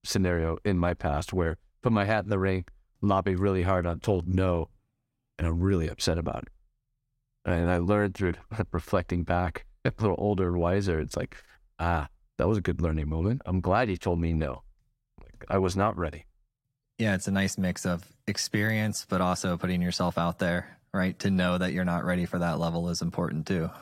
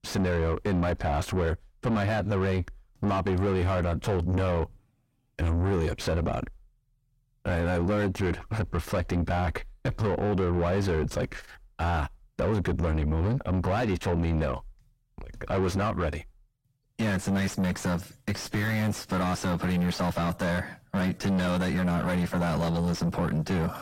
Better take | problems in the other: first | distortion; heavy; 5 dB below the speech

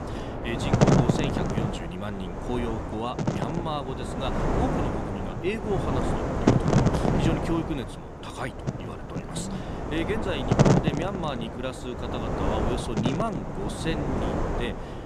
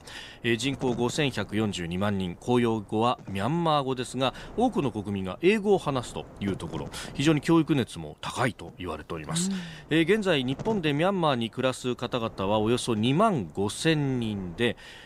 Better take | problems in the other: second | wind noise on the microphone; heavy; 4 dB above the speech; occasional gusts in the second

